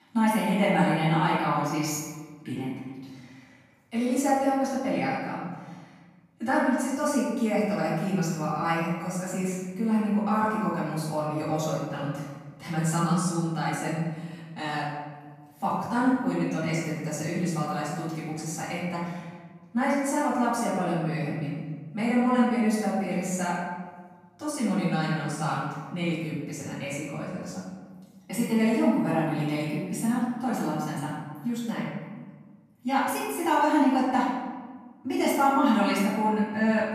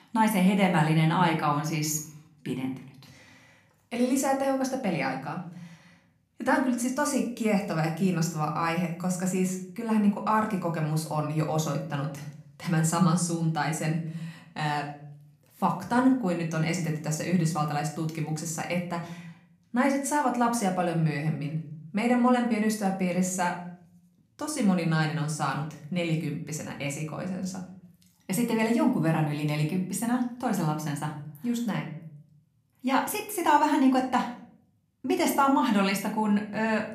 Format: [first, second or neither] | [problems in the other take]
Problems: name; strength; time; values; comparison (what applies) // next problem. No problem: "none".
second | room echo; strong; dies away in 1.3 s; slight in the second // off-mic speech; far; somewhat distant in the second